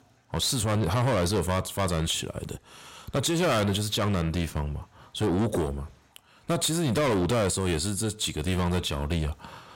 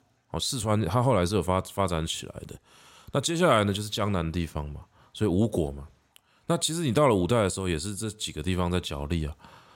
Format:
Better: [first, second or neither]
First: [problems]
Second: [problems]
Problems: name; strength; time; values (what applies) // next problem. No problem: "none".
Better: second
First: distortion; heavy; 6 dB below the speech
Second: none